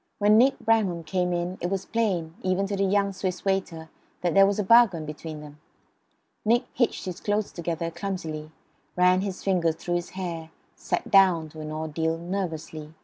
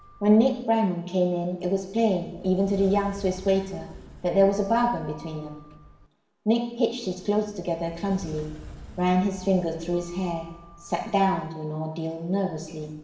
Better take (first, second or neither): first